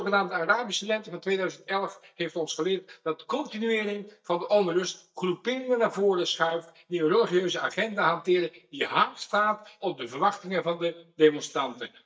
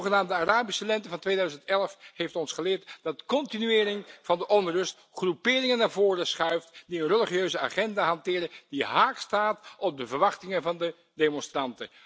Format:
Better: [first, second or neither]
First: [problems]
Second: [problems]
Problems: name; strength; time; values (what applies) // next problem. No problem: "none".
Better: second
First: noise reduction (neural mask model DeepFilterNet 3)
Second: none